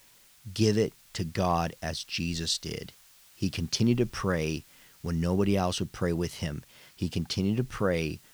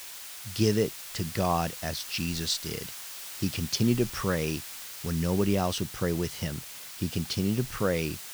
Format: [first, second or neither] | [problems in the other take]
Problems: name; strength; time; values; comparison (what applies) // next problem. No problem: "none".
first | hiss; loud; throughout; 9 dB below the speech; faint in the first